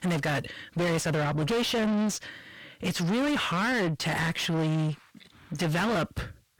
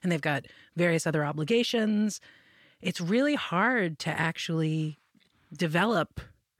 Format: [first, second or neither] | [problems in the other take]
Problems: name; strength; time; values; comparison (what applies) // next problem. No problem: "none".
second | distortion; heavy; 6 dB below the speech